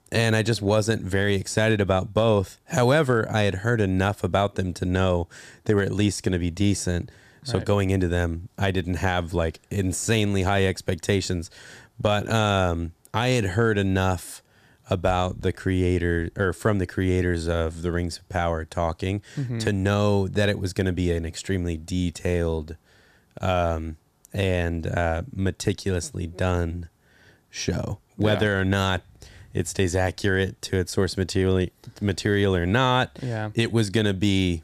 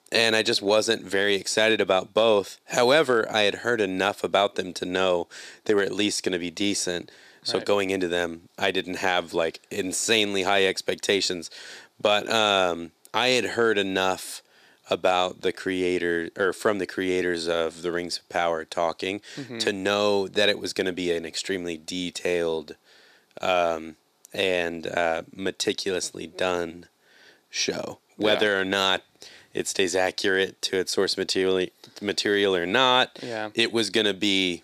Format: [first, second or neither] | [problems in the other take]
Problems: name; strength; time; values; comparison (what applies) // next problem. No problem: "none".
first | thin; somewhat; fading below 350 Hz